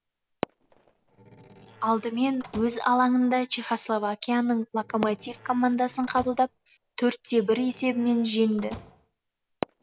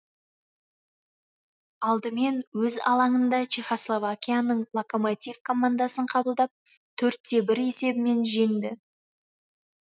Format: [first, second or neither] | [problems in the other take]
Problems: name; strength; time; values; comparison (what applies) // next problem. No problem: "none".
second | background sound (Fireworks + Slam); 16 dB below the speech